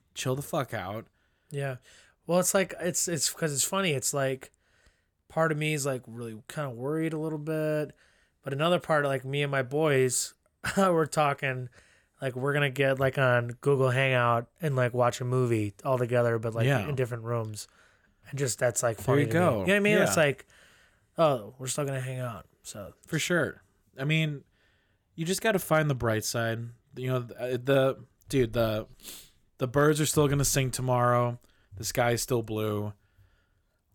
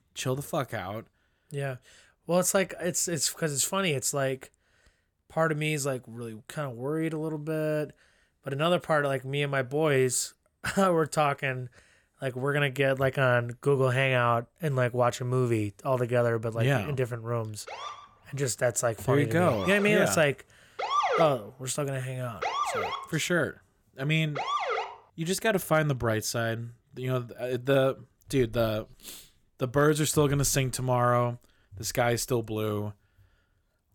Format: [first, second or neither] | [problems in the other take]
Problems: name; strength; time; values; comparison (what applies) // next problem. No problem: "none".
first | siren; loud; from 18 to 25 s; peak 2 dB above the speech